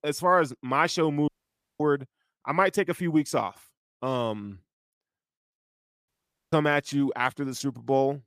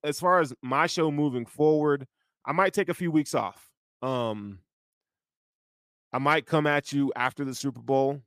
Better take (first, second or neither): second